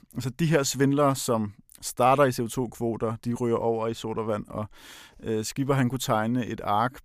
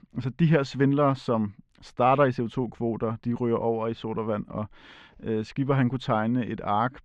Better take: first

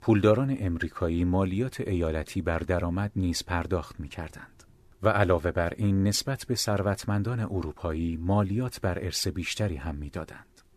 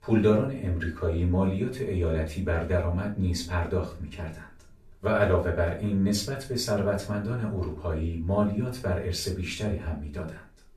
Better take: first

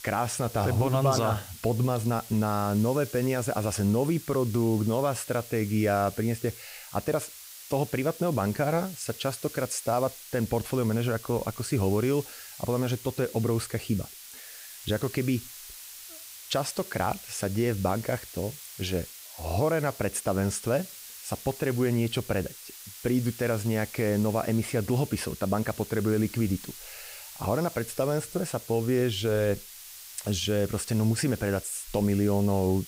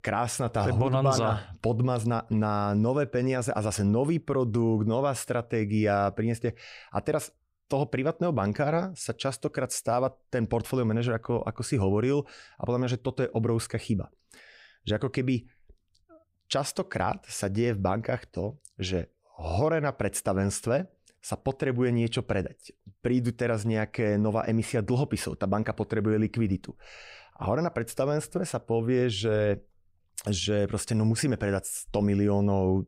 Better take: second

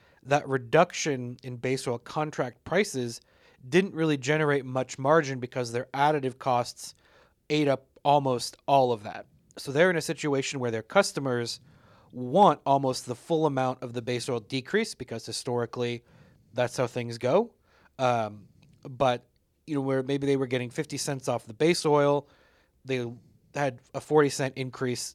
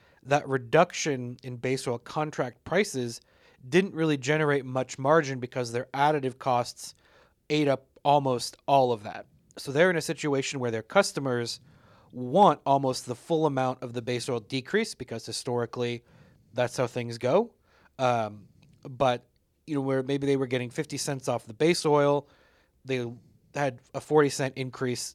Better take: neither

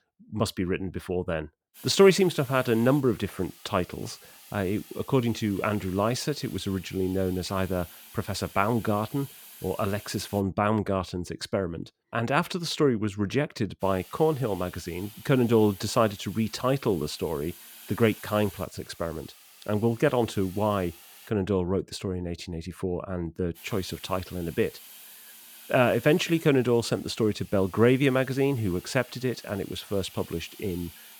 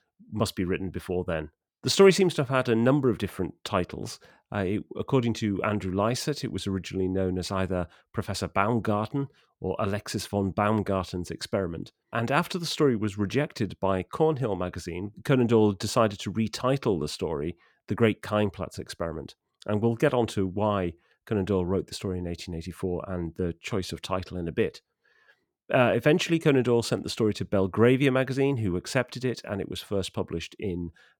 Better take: second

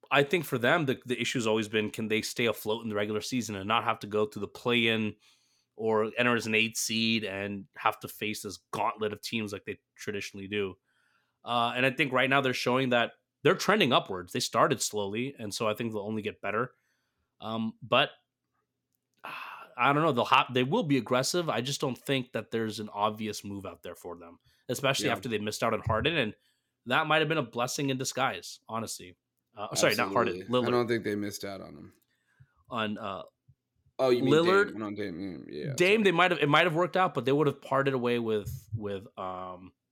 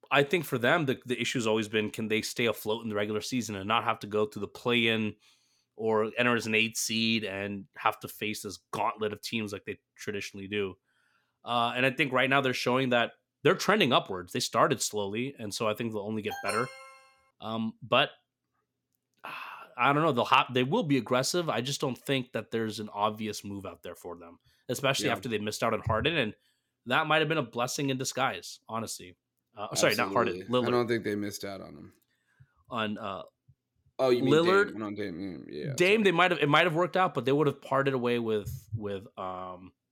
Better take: first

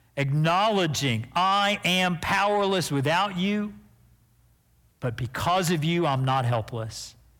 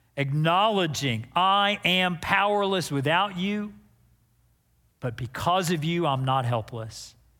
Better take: second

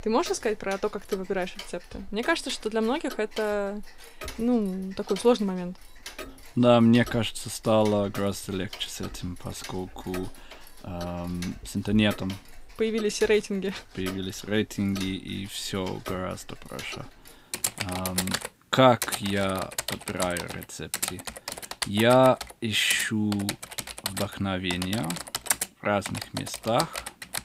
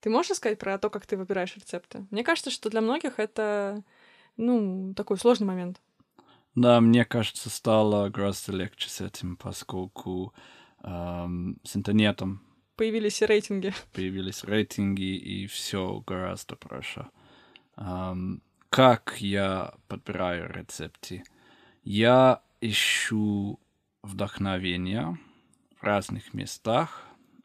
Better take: second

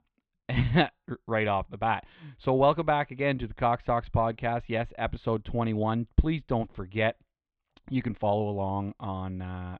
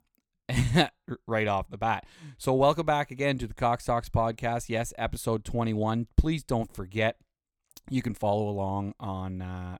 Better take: second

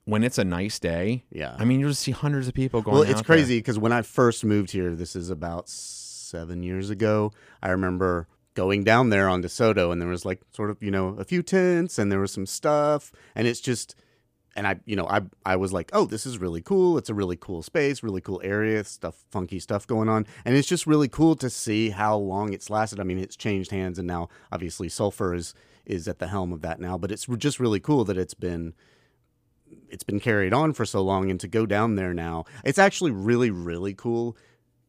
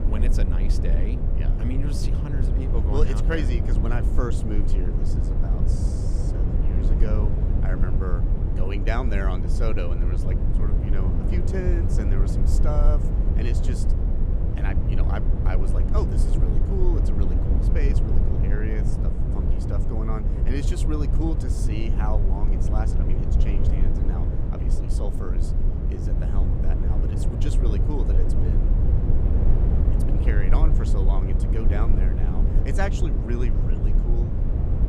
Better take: first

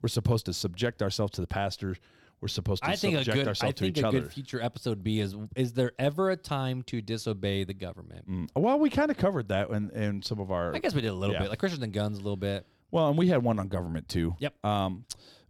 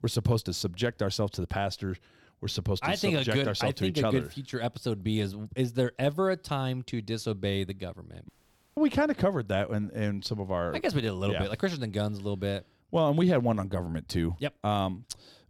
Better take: first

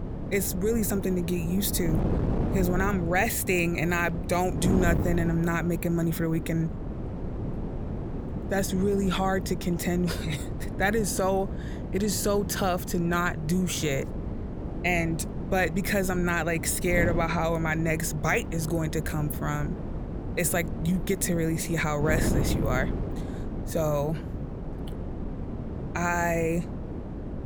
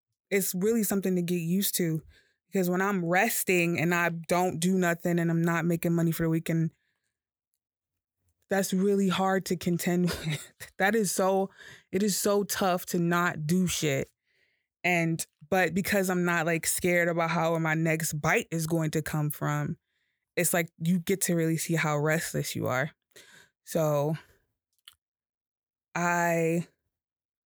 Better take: second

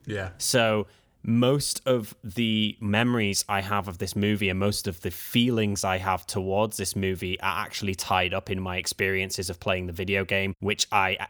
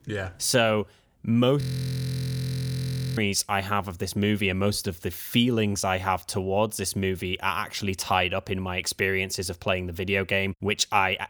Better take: first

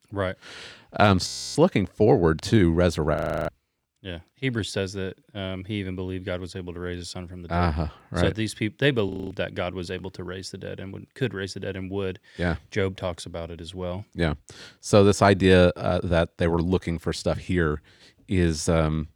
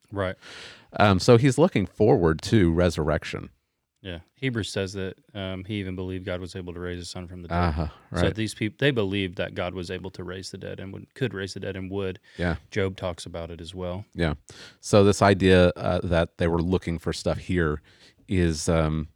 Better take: second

